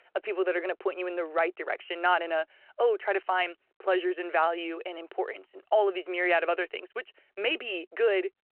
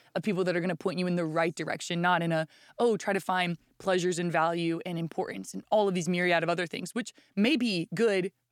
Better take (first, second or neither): second